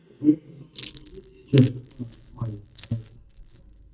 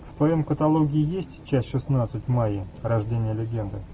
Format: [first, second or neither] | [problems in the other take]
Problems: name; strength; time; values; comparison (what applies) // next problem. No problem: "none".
second | noise reduction (neural mask model DeepFilterNet 3)